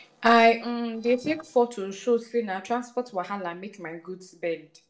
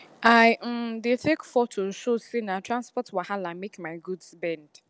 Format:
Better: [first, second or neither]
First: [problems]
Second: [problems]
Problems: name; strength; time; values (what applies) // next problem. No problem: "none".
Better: second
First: noise reduction (neural separator model SepFormer DNS4)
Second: none